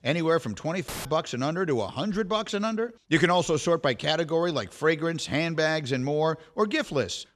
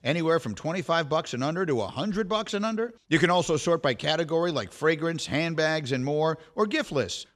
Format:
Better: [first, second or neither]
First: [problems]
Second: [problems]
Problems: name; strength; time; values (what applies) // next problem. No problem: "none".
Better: second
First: audio cutting out; filled with static; at 1 s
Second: none